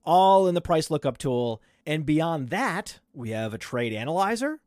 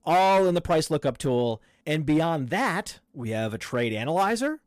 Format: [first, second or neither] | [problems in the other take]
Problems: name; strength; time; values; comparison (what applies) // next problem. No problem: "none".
first | distortion; slight; 6% of the sound clipped